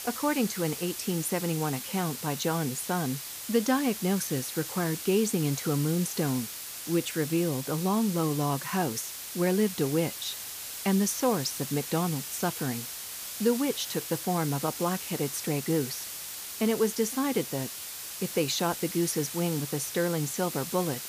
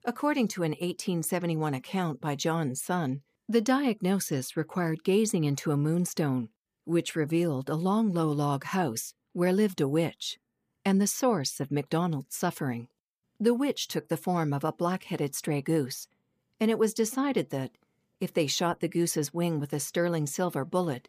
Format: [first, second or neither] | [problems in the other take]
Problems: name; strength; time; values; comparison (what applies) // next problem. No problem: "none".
second | hiss; loud; throughout; 6 dB below the speech